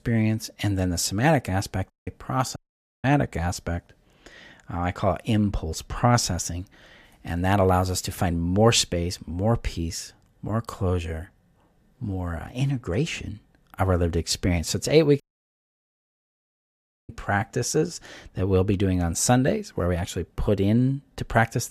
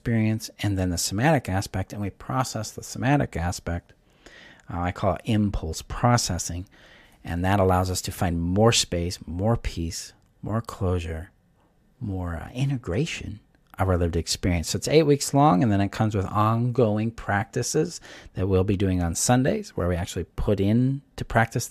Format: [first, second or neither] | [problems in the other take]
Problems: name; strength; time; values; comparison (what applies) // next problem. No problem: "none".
second | audio cutting out; at 2 s, at 2.5 s and at 15 s for 2 s